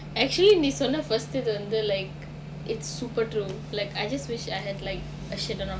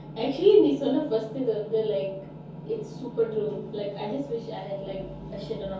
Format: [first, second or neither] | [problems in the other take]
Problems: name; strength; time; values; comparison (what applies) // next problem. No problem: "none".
first | room echo; dies away in 0.6 s